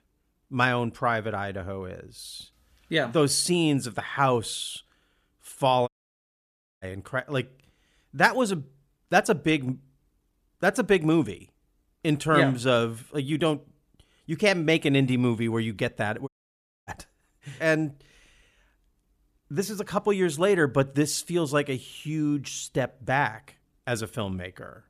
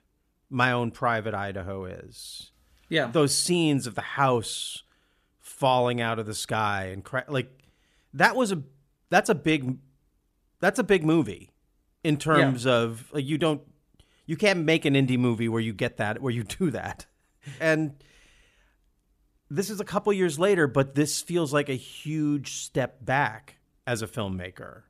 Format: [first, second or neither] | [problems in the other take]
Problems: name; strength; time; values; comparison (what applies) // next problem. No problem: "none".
second | audio cutting out; at 6 s for 1 s and at 16 s for 0.5 s